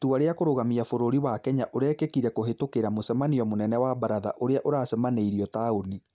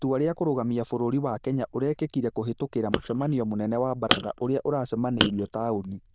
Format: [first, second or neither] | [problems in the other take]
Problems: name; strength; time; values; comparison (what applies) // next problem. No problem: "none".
first | noise reduction (neural diffusion model UNIVERSE++)